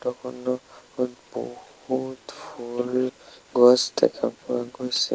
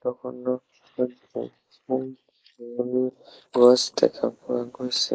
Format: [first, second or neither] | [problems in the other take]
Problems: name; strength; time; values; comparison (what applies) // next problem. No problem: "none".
first | noise reduction (neural mask model Resemble Enhance denoiser)